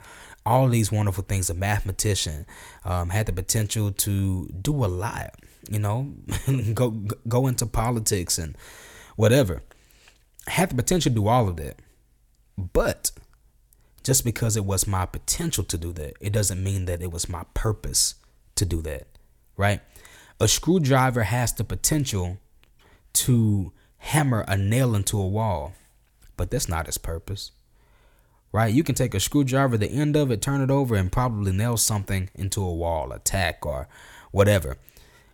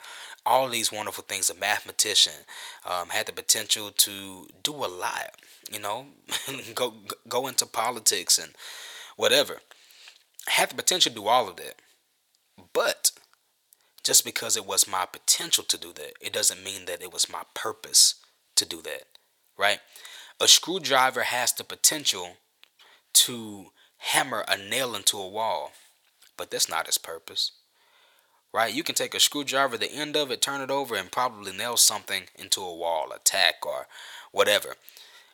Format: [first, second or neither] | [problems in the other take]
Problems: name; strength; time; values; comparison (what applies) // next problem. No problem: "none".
first | thin; very; fading below 650 Hz